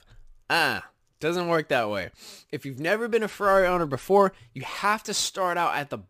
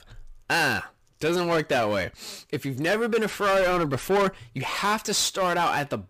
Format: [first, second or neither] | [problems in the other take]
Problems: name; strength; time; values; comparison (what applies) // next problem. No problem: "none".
first | distortion; heavy; 7 dB below the speech